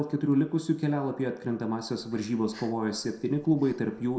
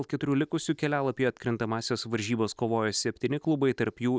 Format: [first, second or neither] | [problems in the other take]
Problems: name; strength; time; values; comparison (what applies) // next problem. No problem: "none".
second | noise reduction (neural separator model SepFormer DNS4)